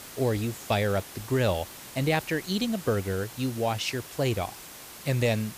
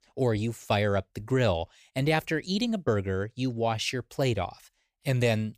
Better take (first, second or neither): second